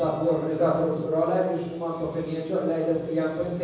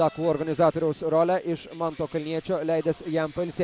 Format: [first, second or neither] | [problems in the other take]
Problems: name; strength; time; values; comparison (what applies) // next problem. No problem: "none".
second | room echo; dies away in 1.1 s